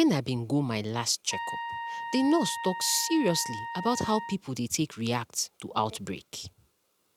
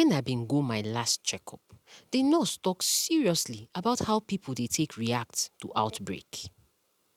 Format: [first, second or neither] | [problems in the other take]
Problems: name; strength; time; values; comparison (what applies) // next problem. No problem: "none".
second | background sound (Trumpet); 7 dB below the speech